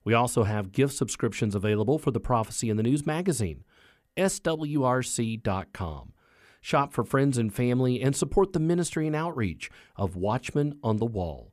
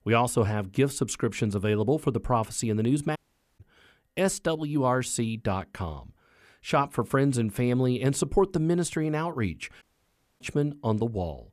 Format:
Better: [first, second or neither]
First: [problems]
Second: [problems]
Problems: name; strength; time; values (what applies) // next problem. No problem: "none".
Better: first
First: none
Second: audio cutting out; at 3 s and at 10 s for 0.5 s